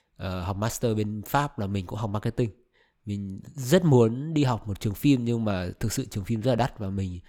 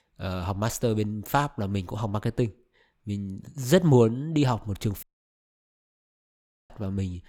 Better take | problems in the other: first | audio cutting out; at 5 s for 1.5 s

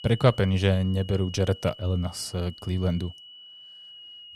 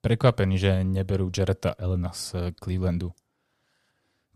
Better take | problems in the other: second | high-pitched whine; noticeable; throughout; 3 kHz, 20 dB below the speech

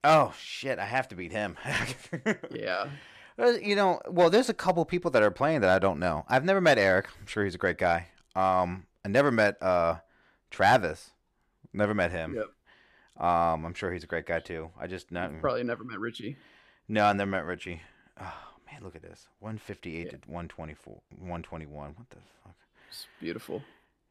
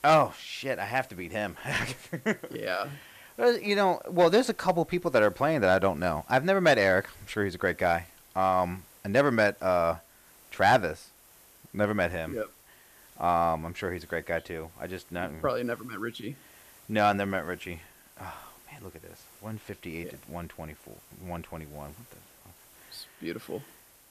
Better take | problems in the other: first | hiss; faint; throughout; 25 dB below the speech

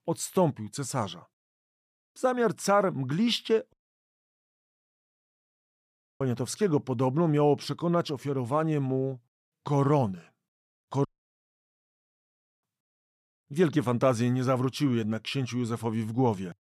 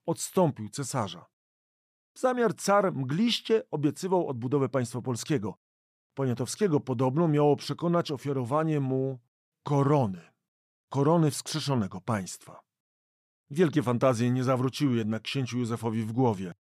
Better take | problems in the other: second | audio cutting out; at 3.5 s for 2.5 s and at 11 s for 1.5 s

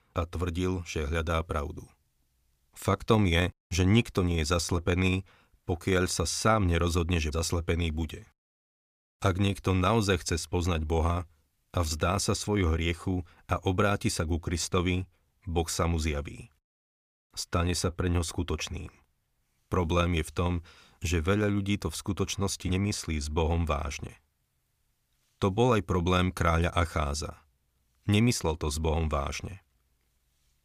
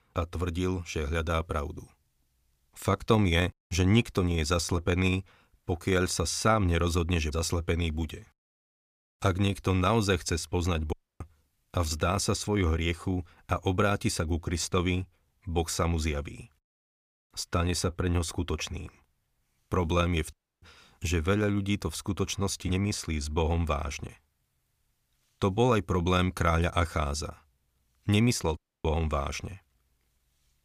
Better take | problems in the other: first | audio cutting out; at 11 s, at 20 s and at 29 s

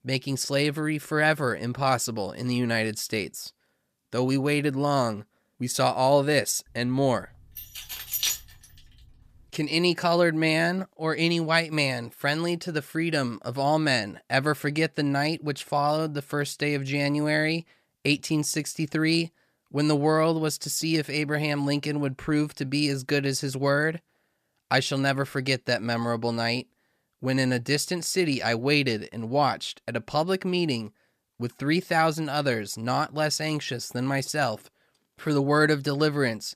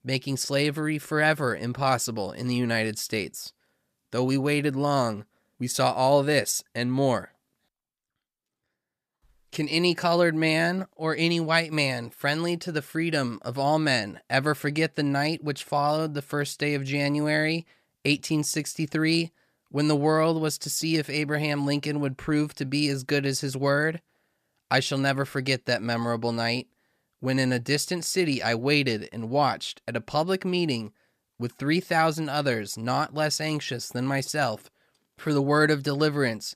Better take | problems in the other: second | jangling keys; loud; at 7.5 s; peak level with the speech

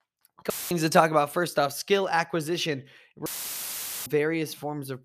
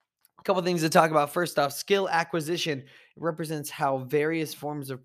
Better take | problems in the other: second | audio cutting out; filled with static; at 0.5 s and at 3.5 s for 1 s

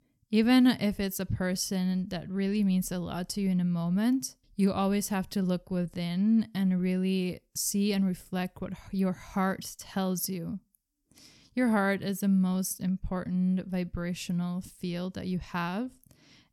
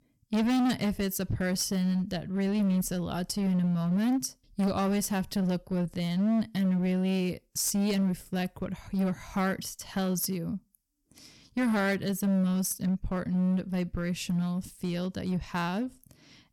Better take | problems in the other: first | distortion; slight; 14% of the sound clipped

